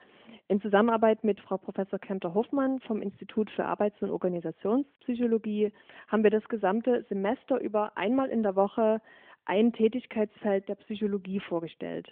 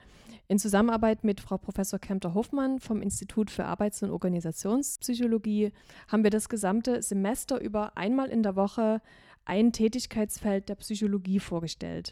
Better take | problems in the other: second | phone-call audio

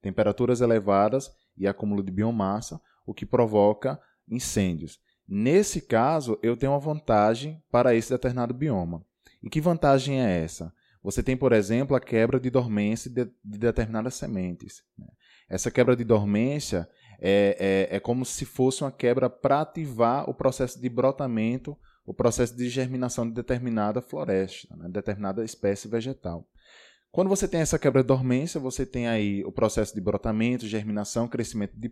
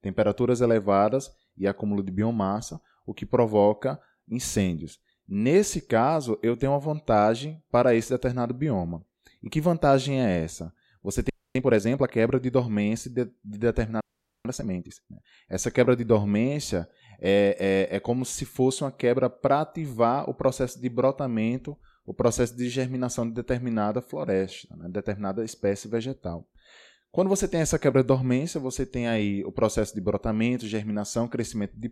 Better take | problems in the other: first | audio freezing; at 11 s and at 14 s

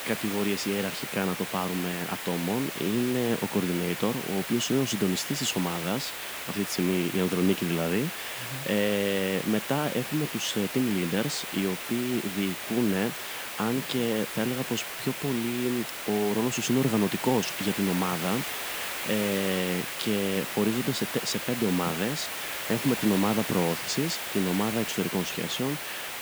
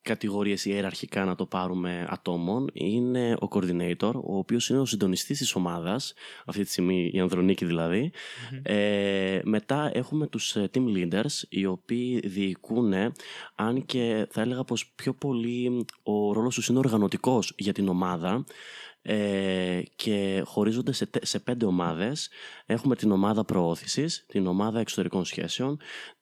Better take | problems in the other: second | hiss; loud; throughout; 5 dB below the speech

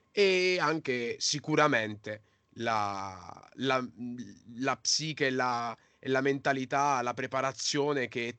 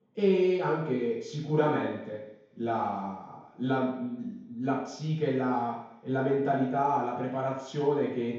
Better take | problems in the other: first | room echo; noticeable; dies away in 0.9 s // off-mic speech; far

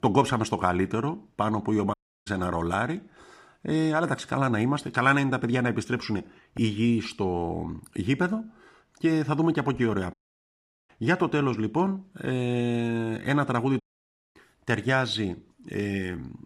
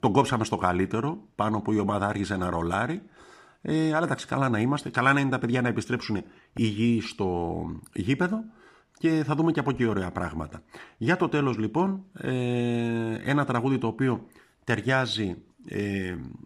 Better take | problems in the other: second | audio cutting out; at 2 s, at 10 s for 1 s and at 14 s for 0.5 s

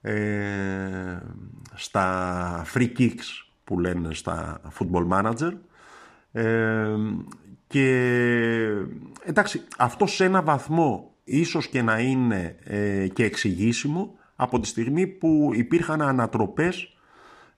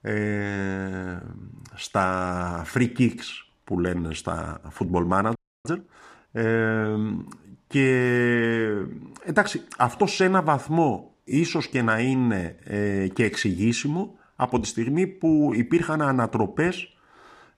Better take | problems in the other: first | audio freezing; at 5.5 s

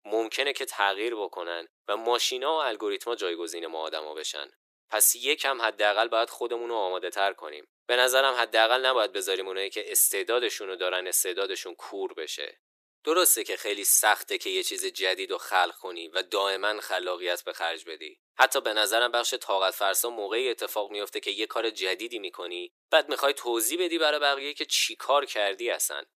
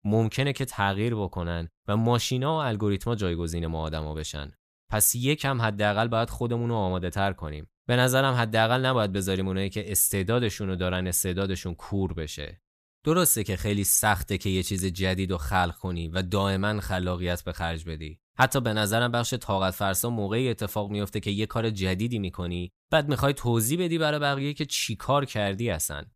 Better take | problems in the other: second | thin; very; fading below 350 Hz

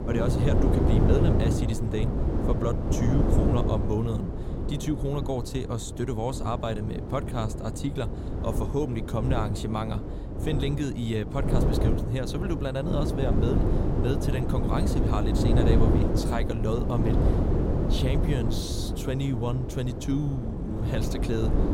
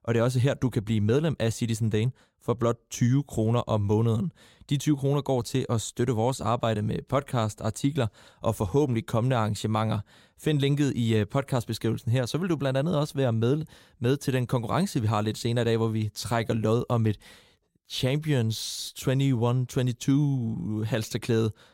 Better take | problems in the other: second | wind noise on the microphone; heavy; 1 dB below the speech

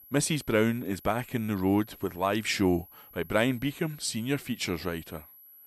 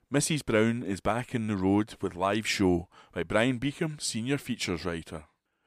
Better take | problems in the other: second | high-pitched whine; faint; throughout; 12 kHz, 20 dB below the speech

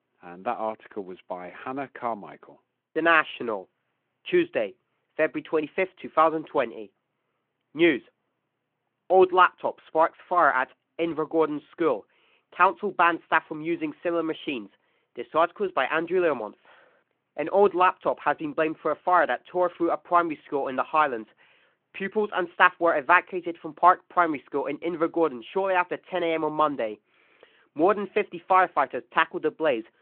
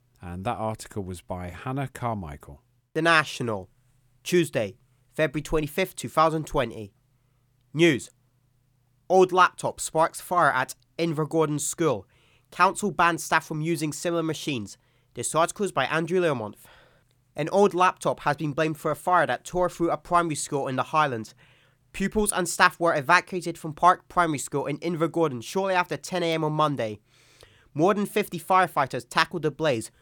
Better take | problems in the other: second | phone-call audio

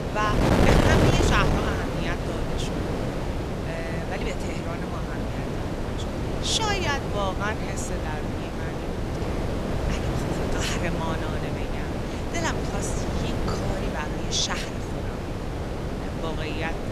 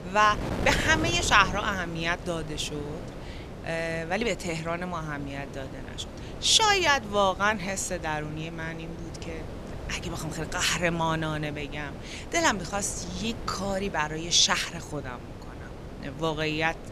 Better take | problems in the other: second | wind noise on the microphone; heavy; as loud as the speech; occasional gusts in the second

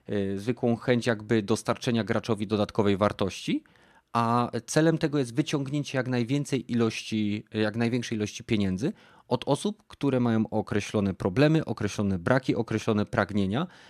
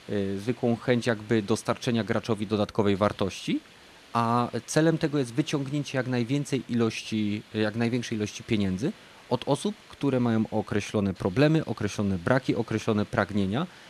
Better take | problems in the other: first | hiss; faint; throughout; 25 dB below the speech

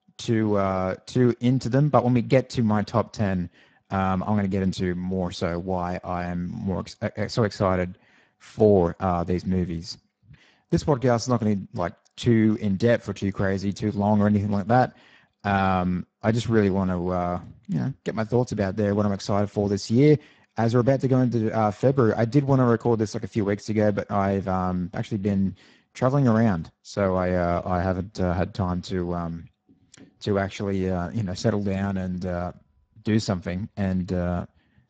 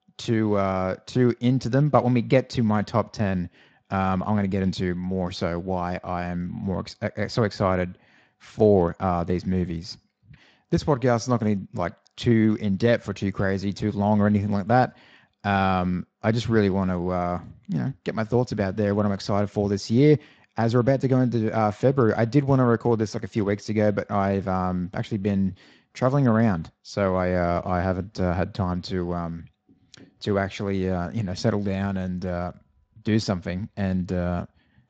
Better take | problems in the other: second | garbled, watery; badly; nothing above 7.5 kHz; slightly in the second

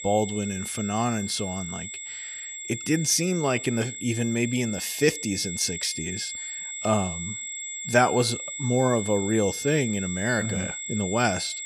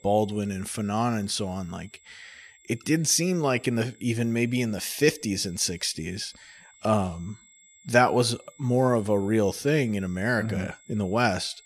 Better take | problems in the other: second | high-pitched whine; loud; throughout; 7.5 kHz, 7 dB below the speech; faint in the second

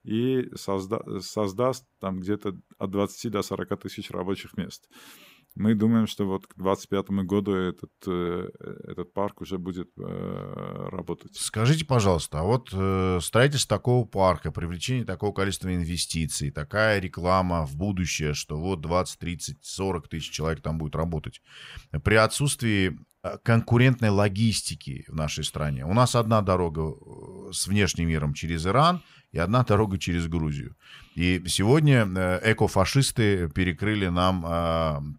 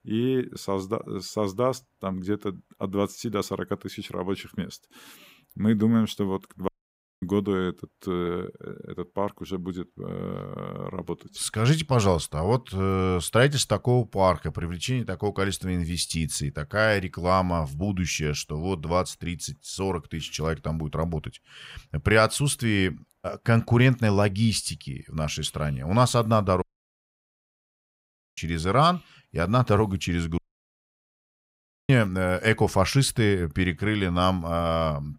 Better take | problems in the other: first | audio cutting out; at 6.5 s for 0.5 s, at 27 s for 2 s and at 30 s for 1.5 s

